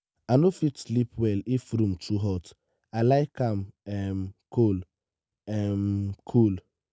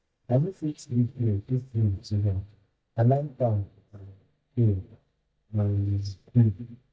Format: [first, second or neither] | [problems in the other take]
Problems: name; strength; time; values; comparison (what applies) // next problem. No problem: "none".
first | noise reduction (neural mask model DeepFilterNet 3)